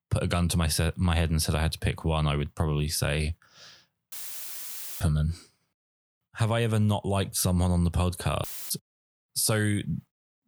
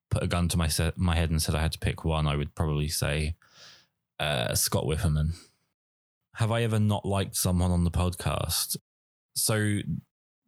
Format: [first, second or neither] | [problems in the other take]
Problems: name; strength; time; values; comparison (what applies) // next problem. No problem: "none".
second | audio cutting out; filled with static; at 4 s for 1 s and at 8.5 s